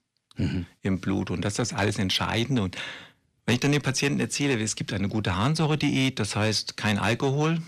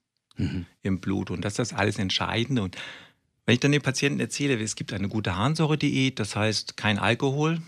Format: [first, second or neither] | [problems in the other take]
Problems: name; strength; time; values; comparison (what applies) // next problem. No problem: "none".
second | distortion; slight; 10 dB below the speech